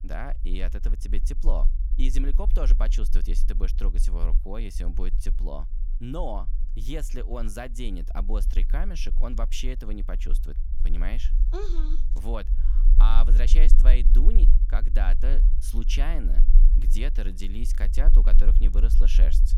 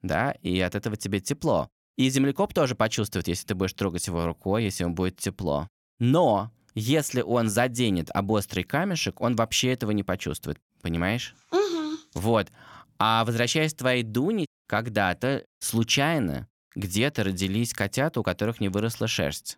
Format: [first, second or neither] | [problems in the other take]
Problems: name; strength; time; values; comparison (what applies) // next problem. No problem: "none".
second | low rumble; noticeable; throughout; 10 dB below the speech